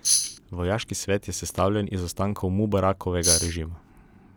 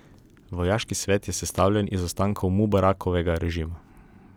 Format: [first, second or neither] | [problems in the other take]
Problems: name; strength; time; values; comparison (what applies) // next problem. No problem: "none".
second | background sound (Tambourine); 4 dB above the speech